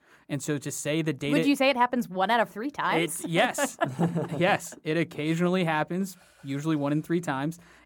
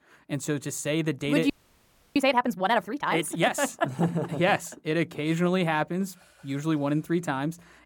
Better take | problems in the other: first | audio freezing; at 1.5 s for 0.5 s

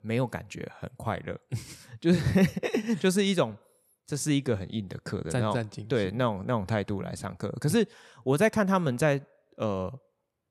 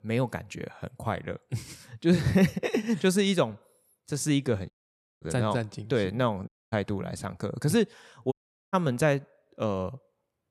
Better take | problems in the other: first | audio cutting out; at 4.5 s for 0.5 s, at 6.5 s and at 8.5 s

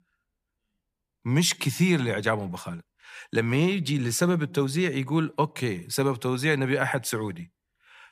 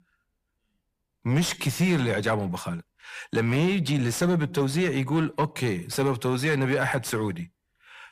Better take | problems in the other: first | distortion; slight; 10 dB below the speech

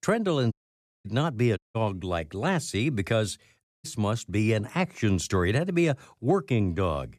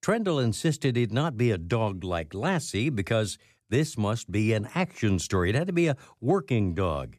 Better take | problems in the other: second | audio cutting out; at 0.5 s for 0.5 s, at 1.5 s and at 3.5 s

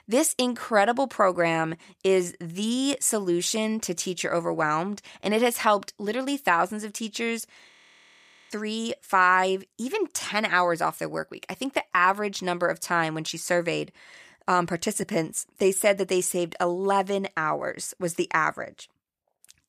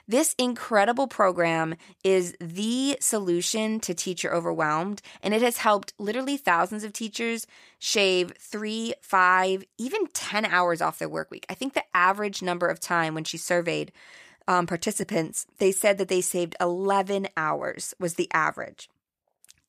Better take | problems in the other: second | audio freezing; at 7.5 s for 1 s

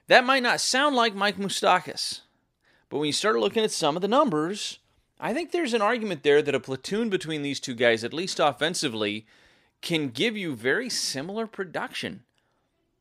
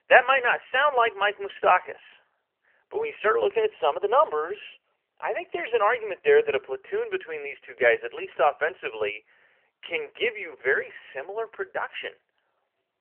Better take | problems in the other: first | phone-call audio; nothing above 3 kHz

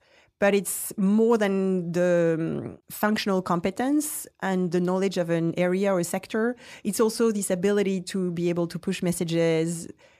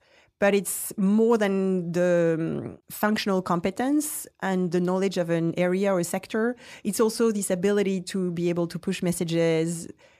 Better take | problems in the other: neither | none

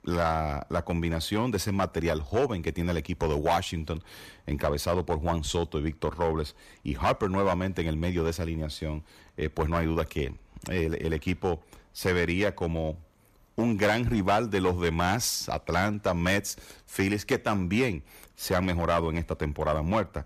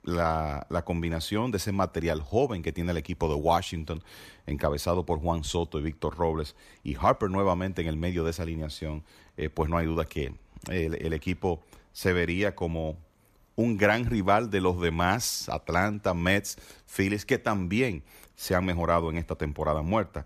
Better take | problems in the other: second | distortion; slight; 4% of the sound clipped

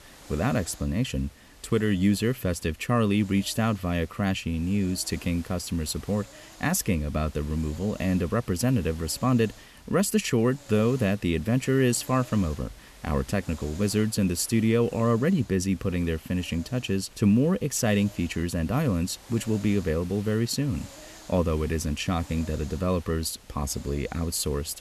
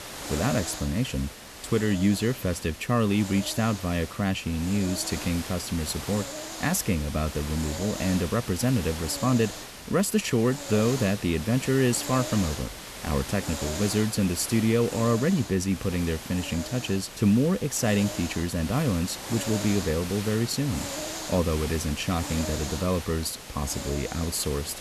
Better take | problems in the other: first | hiss; loud; throughout; 9 dB below the speech; faint in the first

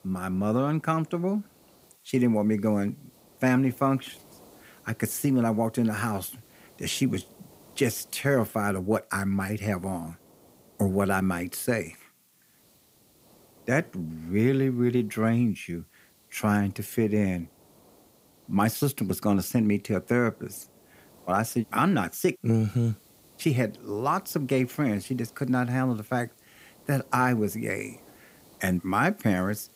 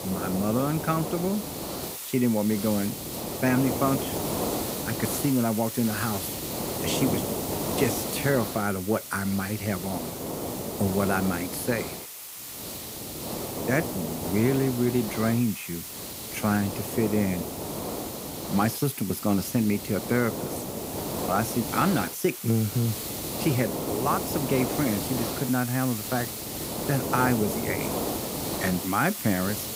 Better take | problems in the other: first | hiss; loud; throughout; 4 dB below the speech; faint in the first

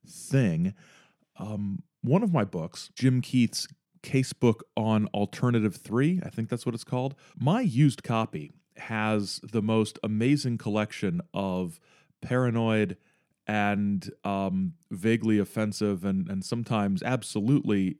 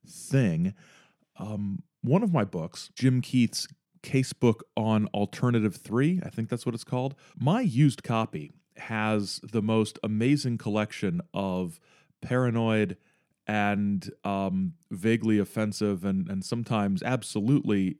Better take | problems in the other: neither | none

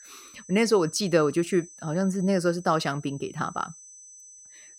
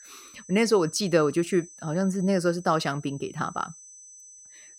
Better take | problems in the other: neither | high-pitched whine; faint; throughout; 6 kHz, 20 dB below the speech; the same in both

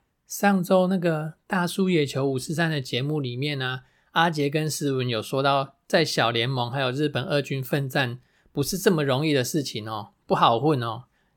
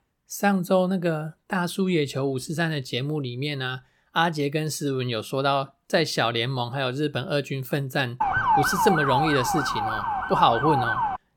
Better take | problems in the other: first | siren; loud; from 8 s on; peak 4 dB above the speech

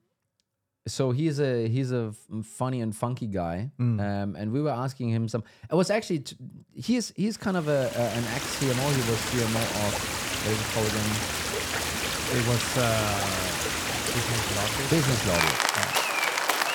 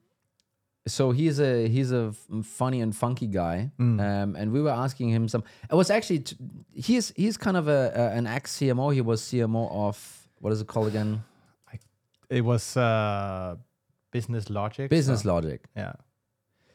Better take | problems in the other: second | rain or running water; very loud; from 8 s on; 2 dB above the speech

